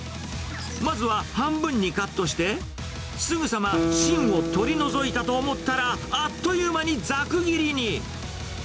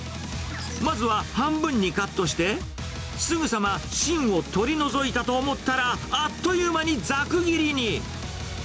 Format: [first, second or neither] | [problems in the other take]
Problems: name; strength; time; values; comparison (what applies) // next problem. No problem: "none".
second | background sound (Guitar); 8 dB below the speech